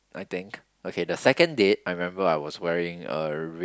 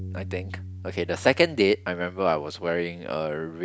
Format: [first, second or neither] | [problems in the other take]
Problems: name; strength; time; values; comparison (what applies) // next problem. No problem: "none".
first | background sound (Bass guitar); 14 dB below the speech